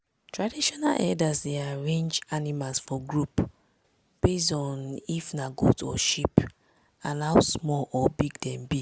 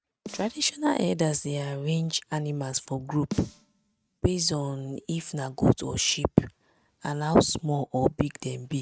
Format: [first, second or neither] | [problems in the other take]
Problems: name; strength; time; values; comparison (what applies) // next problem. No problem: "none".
first | noise reduction (neural mask model RNNoise)